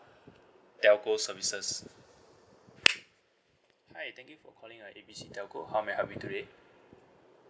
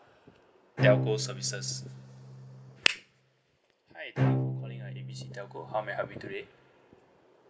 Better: first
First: none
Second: background sound (Bowed string instrument); 1 dB above the speech

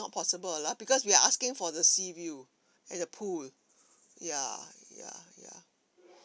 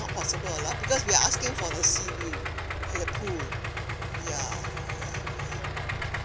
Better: first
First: none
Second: background sound (Idling); 1 dB below the speech

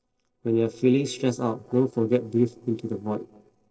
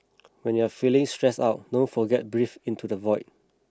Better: second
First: noise reduction (neural separator model SepFormer DNS4)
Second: none

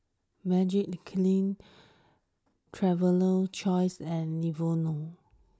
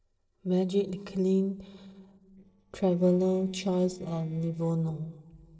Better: first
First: none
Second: noise reduction (neural separator model SepFormer DNS4)

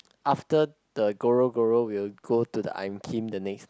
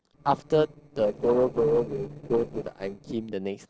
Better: first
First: none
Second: noise reduction (neural separator model SepFormer DNS4)

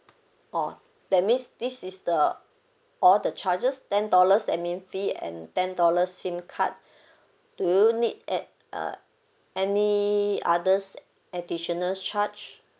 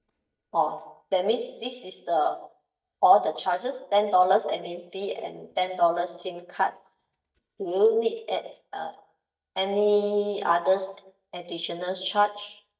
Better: first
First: none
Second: noise reduction (neural mask model DeepFilterNet 3)

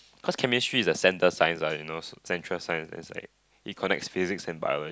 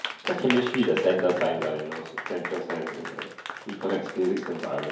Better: first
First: none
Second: background sound (Applause); 9 dB below the speech // room echo; dies away in 2.4 s

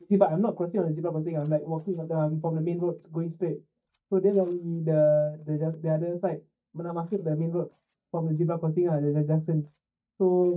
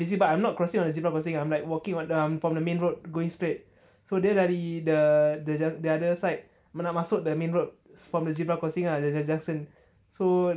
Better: second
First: noise reduction (neural mask model DeepFilterNet 3)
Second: none

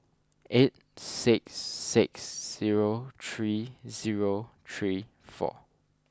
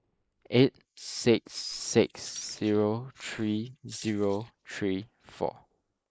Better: first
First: none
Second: noise reduction (neural mask model Resemble Enhance denoiser)

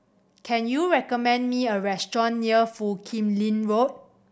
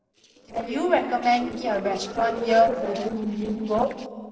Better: first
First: none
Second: noise reduction (neural separator model SepFormer DNS4)

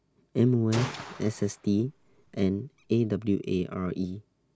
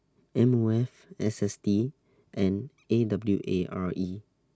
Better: second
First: background sound (Gunshot, gunfire); 13 dB below the speech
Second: none

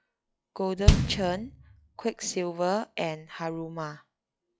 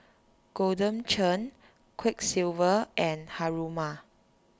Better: second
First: noise reduction (classical method log-MMSE)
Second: none

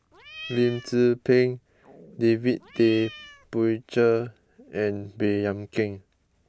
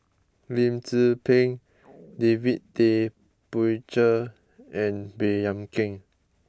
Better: second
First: background sound (Cat); 17 dB below the speech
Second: none

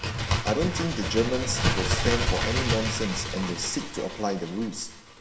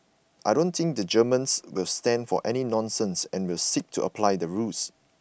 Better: second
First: background sound (Bird); 1 dB above the speech // room echo; dies away in 0.9 s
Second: none

